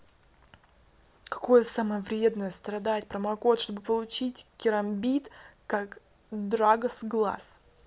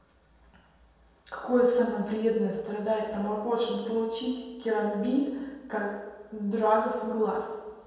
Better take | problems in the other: first | room echo; dies away in 1.2 s

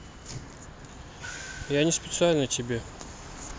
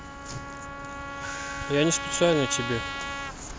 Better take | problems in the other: first | background sound (Trumpet); 6 dB below the speech

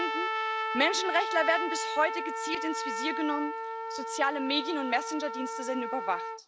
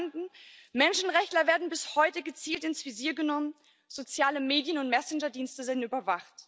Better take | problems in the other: second | background sound (Trumpet); 2 dB below the speech

